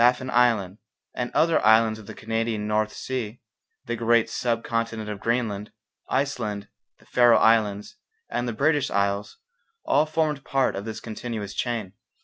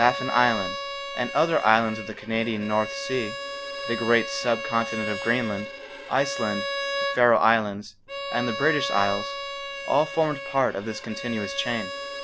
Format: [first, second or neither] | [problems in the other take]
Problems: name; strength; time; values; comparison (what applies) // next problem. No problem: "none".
first | background sound (Bowed string instrument); 7 dB below the speech